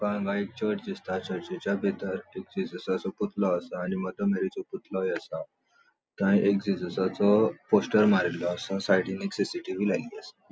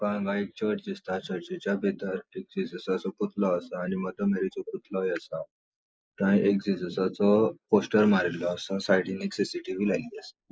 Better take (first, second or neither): first